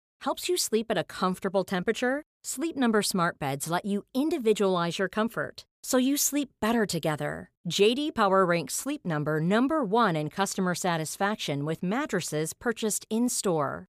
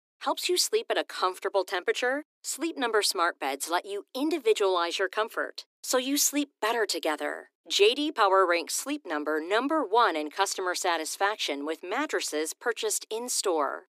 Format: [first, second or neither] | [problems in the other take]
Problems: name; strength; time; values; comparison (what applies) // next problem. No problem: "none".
first | thin; somewhat; fading below 300 Hz